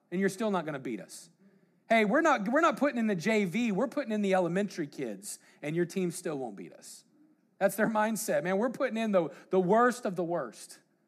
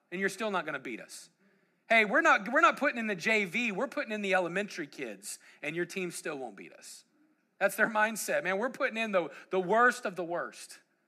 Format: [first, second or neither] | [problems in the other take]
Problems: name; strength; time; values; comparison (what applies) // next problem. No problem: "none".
first | thin; very slightly; fading below 700 Hz